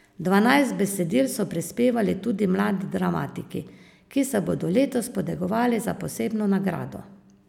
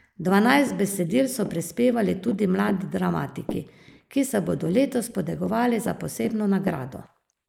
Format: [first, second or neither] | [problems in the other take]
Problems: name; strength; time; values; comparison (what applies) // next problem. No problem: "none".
first | noise reduction (neural mask model Resemble Enhance denoiser)